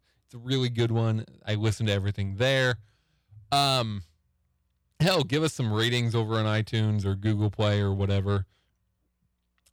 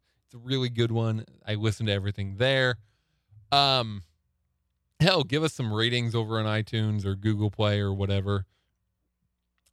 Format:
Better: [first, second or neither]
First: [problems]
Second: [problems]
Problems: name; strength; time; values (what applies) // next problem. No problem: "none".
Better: second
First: distortion; slight; 10 dB below the speech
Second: none